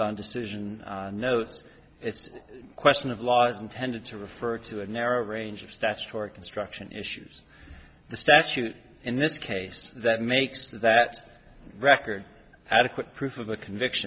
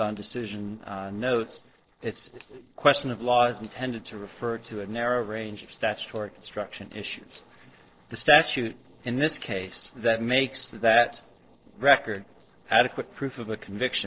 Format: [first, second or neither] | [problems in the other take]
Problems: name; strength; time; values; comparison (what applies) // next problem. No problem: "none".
first | noise reduction (neural separator model SepFormer DNS4)